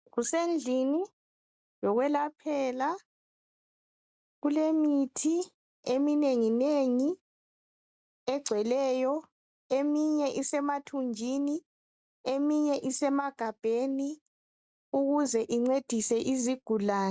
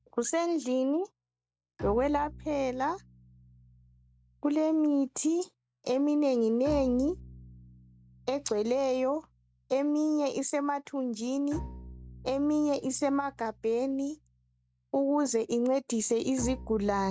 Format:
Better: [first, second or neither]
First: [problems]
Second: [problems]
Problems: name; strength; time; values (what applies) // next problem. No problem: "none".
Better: first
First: none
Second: background sound (Bowed string instrument); 18 dB below the speech